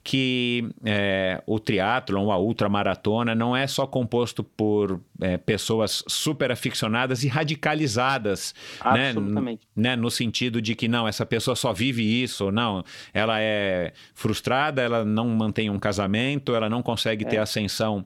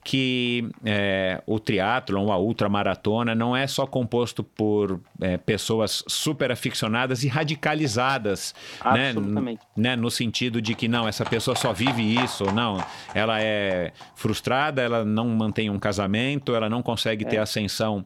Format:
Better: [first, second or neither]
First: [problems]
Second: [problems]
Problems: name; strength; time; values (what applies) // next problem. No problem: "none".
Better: first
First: none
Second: animal sounds; noticeable; throughout; 10 dB below the speech